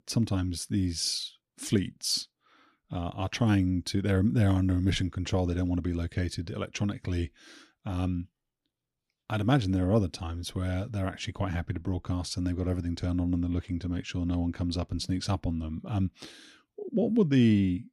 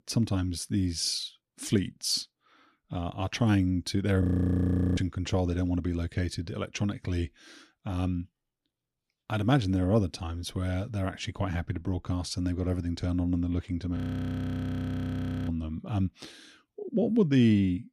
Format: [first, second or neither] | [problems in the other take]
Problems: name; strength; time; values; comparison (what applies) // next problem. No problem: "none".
first | audio freezing; at 4 s for 0.5 s and at 14 s for 1.5 s